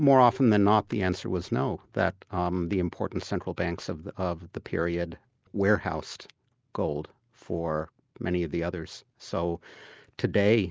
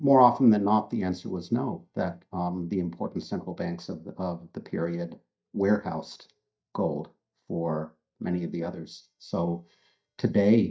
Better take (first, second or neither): first